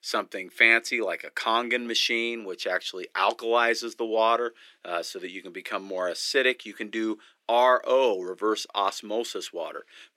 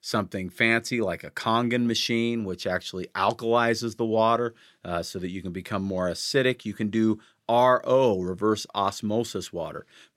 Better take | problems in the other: second | thin; somewhat; fading below 300 Hz

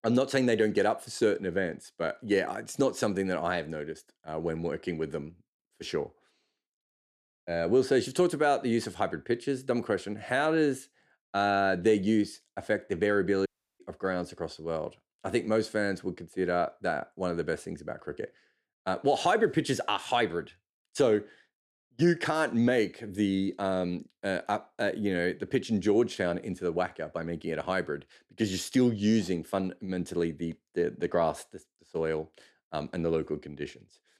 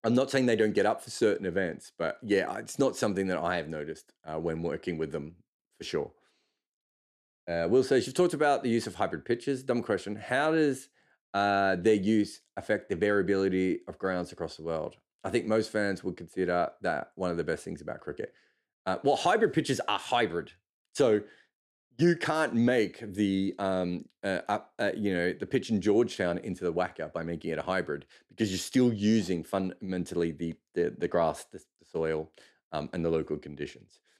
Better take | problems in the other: second | audio cutting out; at 13 s

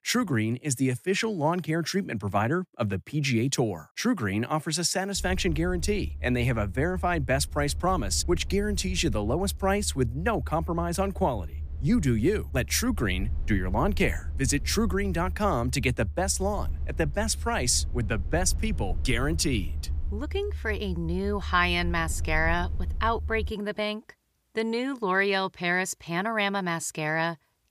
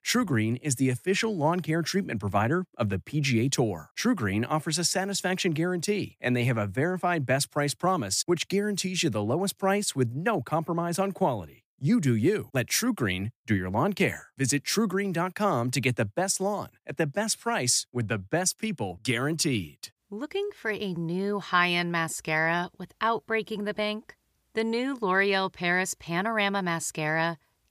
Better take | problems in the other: second | low rumble; faint; from 5 to 24 s; 25 dB below the speech

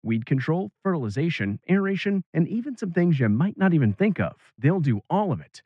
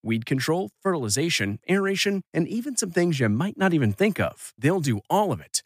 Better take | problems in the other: second | muffled; very; fading above 2 kHz

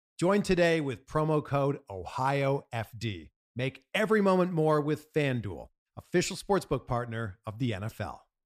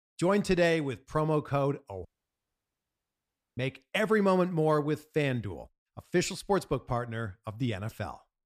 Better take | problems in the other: first | audio cutting out; at 2 s for 1.5 s

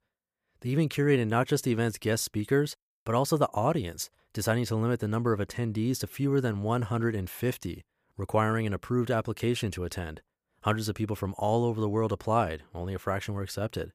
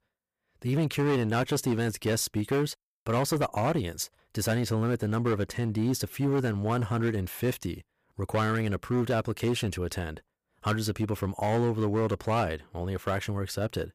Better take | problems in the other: first | distortion; slight; 9% of the sound clipped

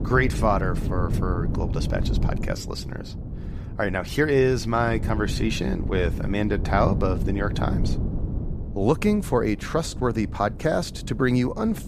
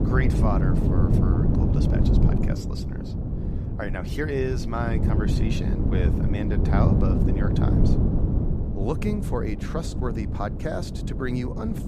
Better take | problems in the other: first | wind noise on the microphone; heavy; 1 dB below the speech; occasional gusts in the first

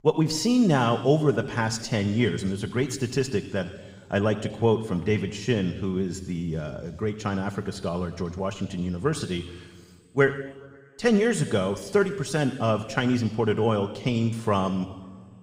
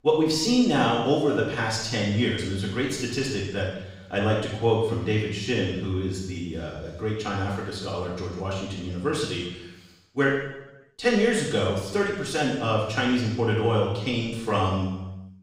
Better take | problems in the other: first | room echo; strong; dies away in 0.9 s; slight in the first // off-mic speech; far

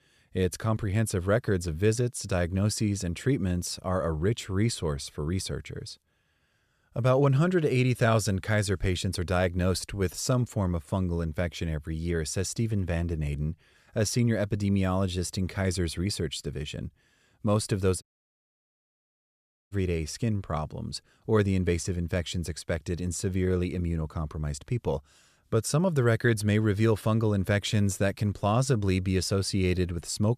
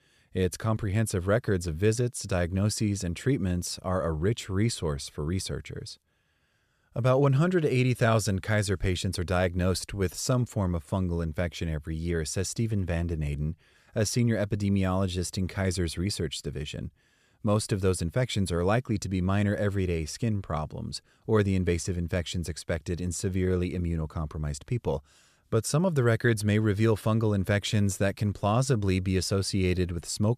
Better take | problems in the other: second | audio cutting out; at 18 s for 1.5 s

